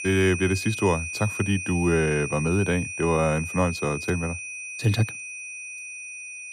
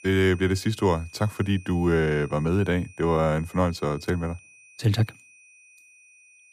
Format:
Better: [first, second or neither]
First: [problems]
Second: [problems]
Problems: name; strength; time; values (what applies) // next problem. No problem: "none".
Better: second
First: high-pitched whine; loud; throughout; 2.5 kHz, 7 dB below the speech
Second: high-pitched whine; faint; throughout; 2.5 kHz, 25 dB below the speech